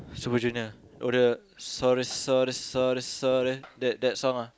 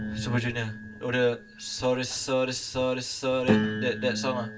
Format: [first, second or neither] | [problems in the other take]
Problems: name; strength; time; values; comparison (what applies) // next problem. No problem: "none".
first | background sound (Piano); 4 dB below the speech // room echo; dies away in 0.2 s